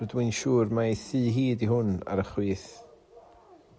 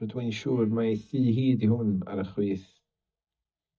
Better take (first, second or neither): first